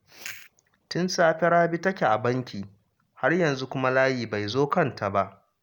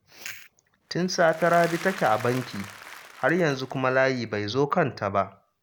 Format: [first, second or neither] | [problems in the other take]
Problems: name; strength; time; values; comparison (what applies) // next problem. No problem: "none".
first | background sound (Applause / Crowd); 16 dB below the speech